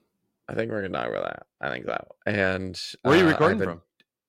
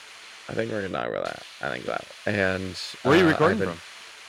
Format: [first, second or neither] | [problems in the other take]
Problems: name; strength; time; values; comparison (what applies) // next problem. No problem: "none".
first | hiss; noticeable; throughout; 15 dB below the speech